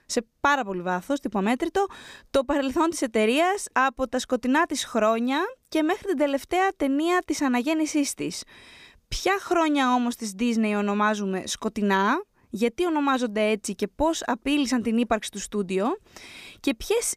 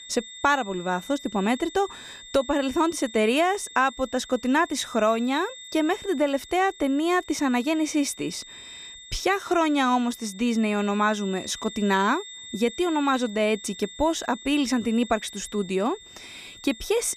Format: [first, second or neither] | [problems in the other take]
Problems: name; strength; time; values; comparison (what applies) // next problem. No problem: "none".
first | high-pitched whine; noticeable; throughout; 3.5 kHz, 15 dB below the speech